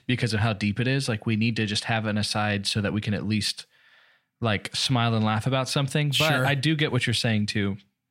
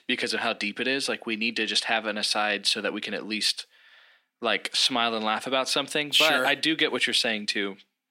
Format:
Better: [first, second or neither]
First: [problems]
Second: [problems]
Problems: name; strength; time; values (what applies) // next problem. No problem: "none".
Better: first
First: none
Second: thin; somewhat; fading below 300 Hz